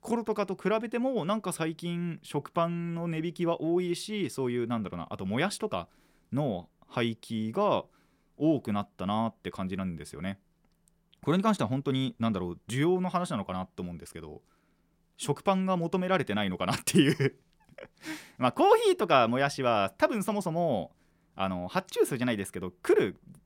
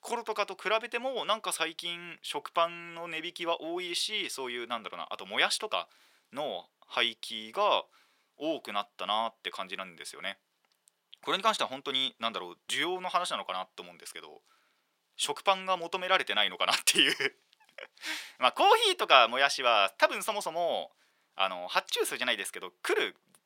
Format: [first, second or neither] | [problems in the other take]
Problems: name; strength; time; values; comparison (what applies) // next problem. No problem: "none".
first | thin; very; fading below 700 Hz